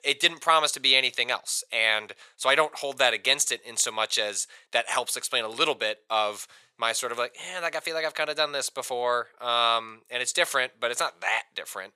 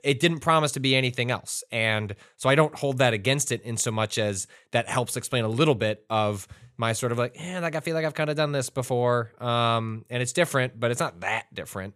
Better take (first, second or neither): second